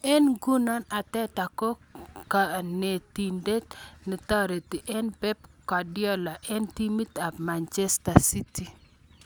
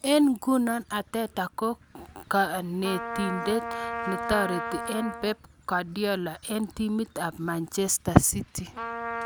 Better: first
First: none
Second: background sound (Trumpet); 10 dB below the speech

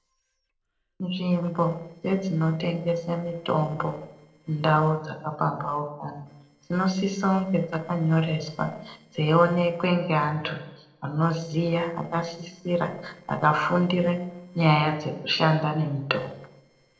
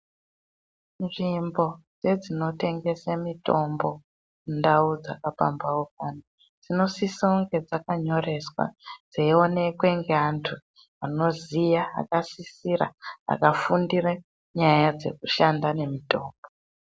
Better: second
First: noise reduction (neural separator model SepFormer DNS4)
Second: none

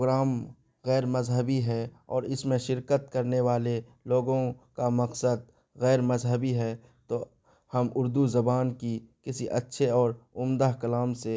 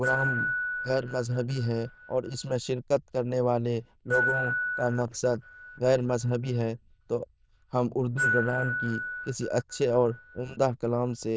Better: first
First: none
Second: noise reduction (neural diffusion model UNIVERSE++)

